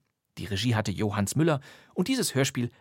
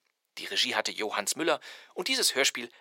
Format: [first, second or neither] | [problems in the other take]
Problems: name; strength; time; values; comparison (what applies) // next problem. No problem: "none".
first | thin; very; fading below 400 Hz